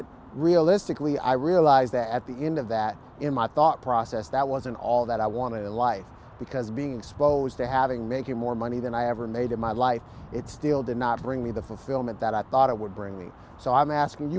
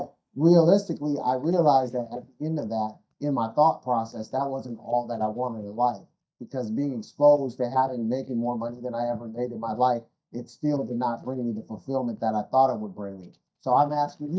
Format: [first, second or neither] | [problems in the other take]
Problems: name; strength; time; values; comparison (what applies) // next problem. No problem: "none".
first | noise reduction (neural mask model DeepFilterNet 3)